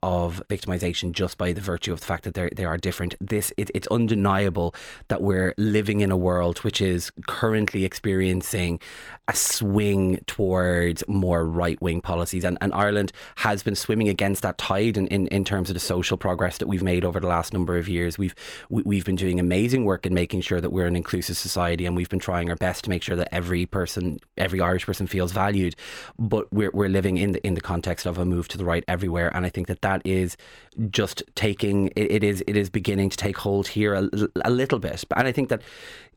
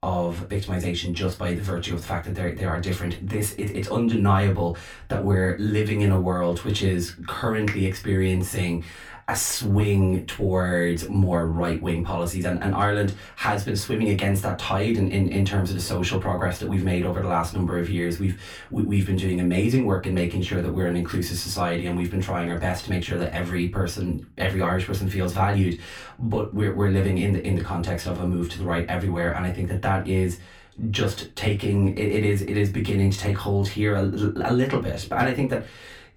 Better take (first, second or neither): first